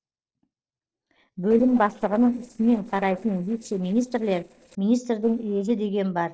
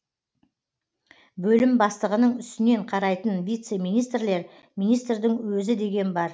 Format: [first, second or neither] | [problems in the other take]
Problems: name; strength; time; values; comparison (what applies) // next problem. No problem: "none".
second | noise reduction (neural separator model SepFormer DNS4)